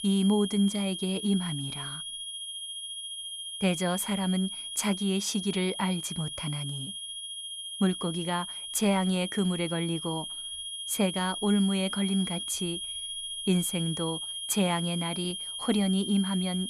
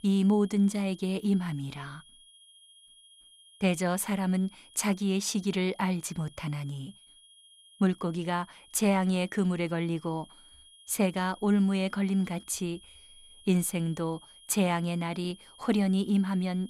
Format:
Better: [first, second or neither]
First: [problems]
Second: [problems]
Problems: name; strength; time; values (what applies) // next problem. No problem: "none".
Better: second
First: high-pitched whine; loud; throughout; 3 kHz, 5 dB below the speech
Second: high-pitched whine; faint; throughout; 3 kHz, 25 dB below the speech